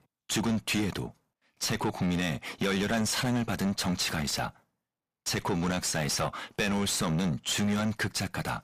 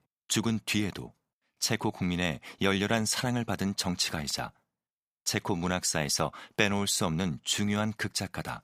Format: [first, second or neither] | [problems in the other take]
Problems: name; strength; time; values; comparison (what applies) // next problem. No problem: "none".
second | distortion; heavy; 6 dB below the speech